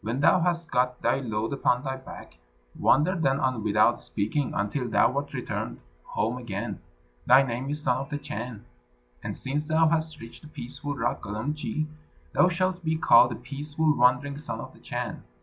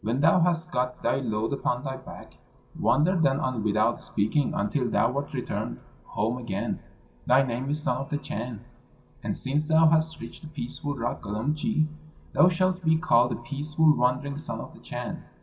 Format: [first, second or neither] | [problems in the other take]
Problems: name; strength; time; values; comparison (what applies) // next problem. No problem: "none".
first | room echo; dies away in 2.1 s